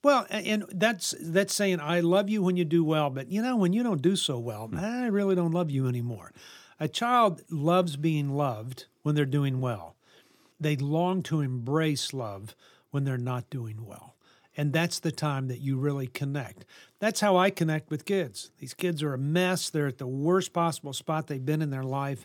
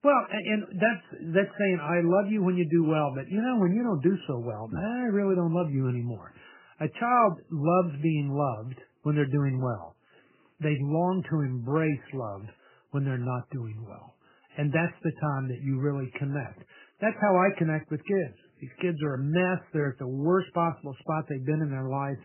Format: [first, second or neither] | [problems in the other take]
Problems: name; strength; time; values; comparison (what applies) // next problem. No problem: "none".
first | garbled, watery; badly; nothing above 3 kHz